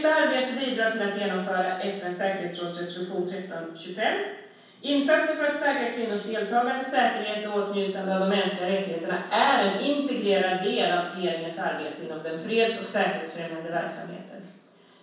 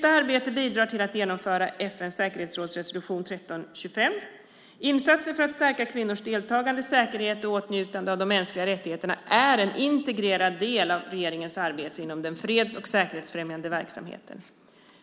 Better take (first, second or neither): second